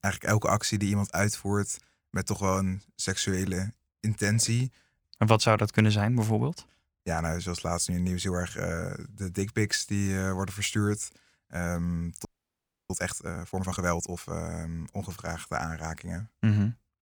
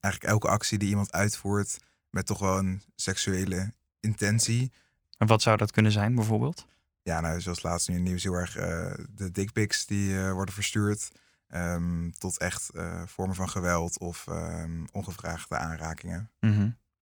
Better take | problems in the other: second | audio freezing; at 12 s for 0.5 s

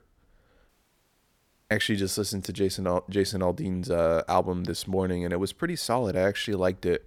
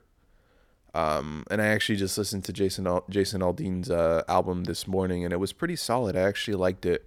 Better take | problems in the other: second | audio cutting out; at 0.5 s for 1 s

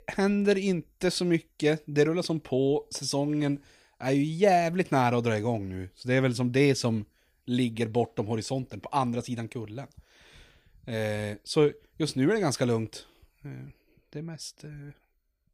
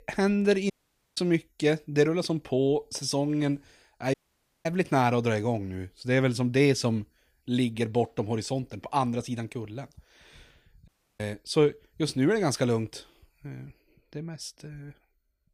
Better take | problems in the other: first | audio cutting out; at 0.5 s, at 4 s for 0.5 s and at 11 s

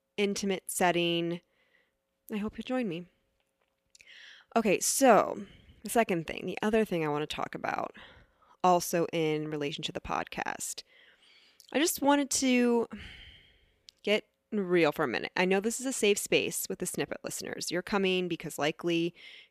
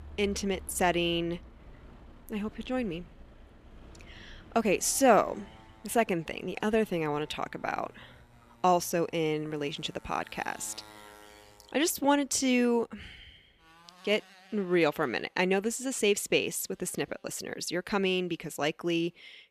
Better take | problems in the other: first | traffic noise; faint; throughout; 25 dB below the speech

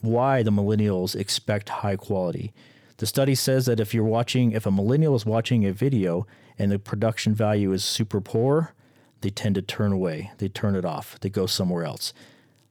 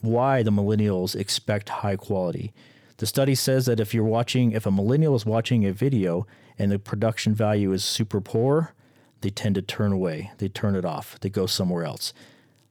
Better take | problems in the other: neither | none

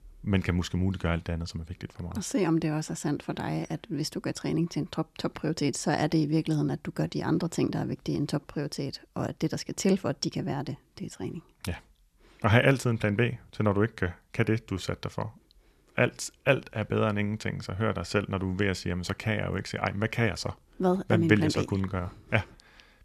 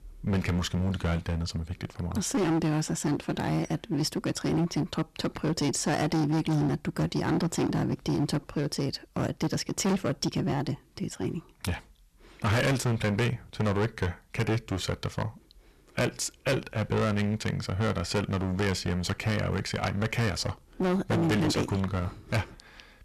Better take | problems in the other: first | distortion; heavy; 14% of the sound clipped

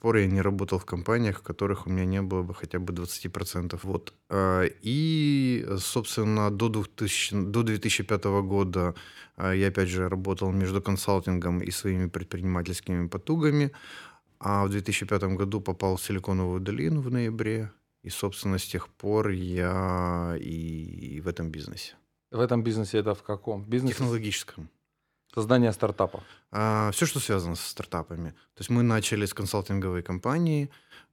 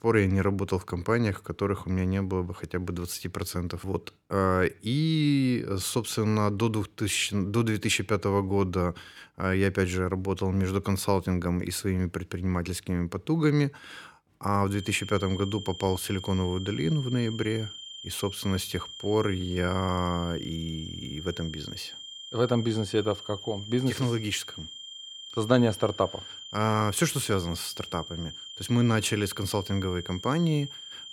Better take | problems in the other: first | high-pitched whine; noticeable; from 15 s on; 3 kHz, 10 dB below the speech

